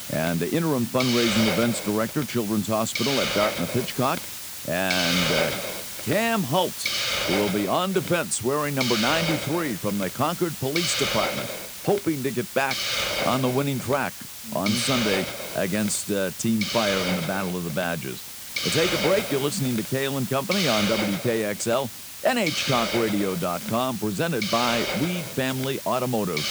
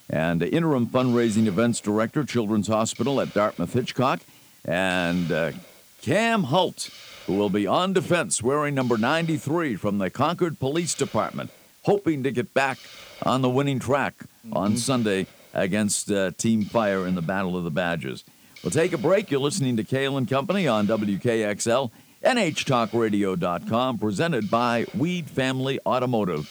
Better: second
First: hiss; loud; throughout; 3 dB below the speech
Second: hiss; faint; throughout; 25 dB below the speech

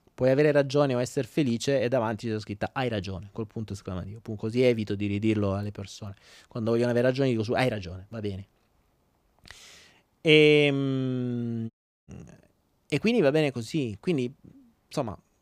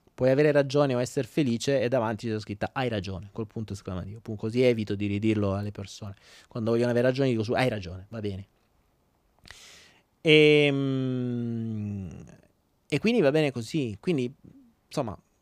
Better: second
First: audio cutting out; at 12 s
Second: none

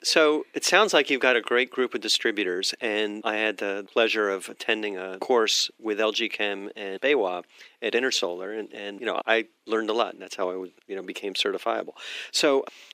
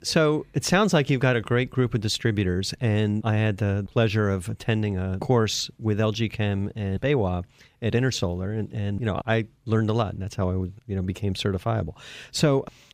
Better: second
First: thin; very; fading below 300 Hz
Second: none

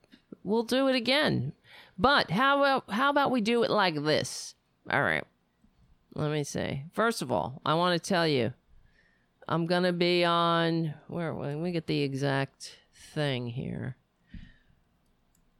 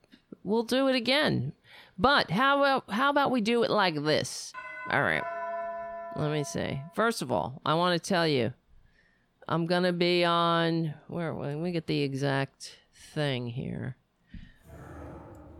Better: first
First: none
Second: doorbell; noticeable; from 4.5 to 7 s; peak 7 dB below the speech // dog barking; faint; at 15 s; peak 15 dB below the speech

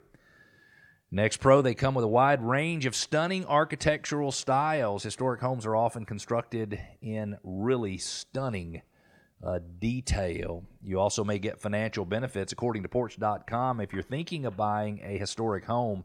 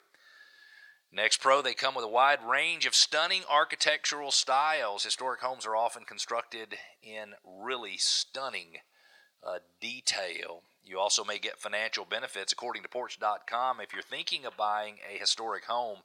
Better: first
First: none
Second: thin; very; fading below 900 Hz

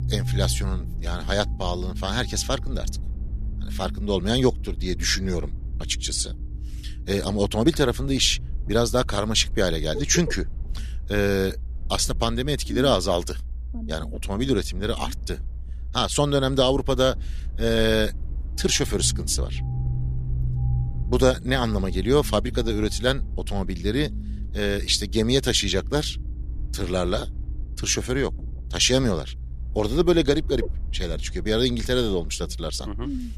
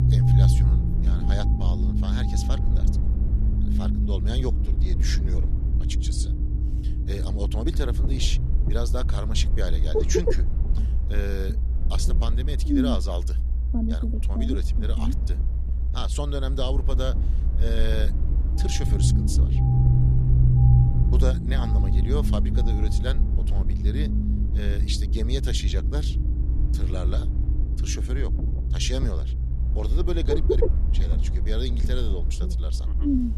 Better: first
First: low rumble; faint; throughout; 20 dB below the speech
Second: low rumble; loud; throughout; 1 dB below the speech

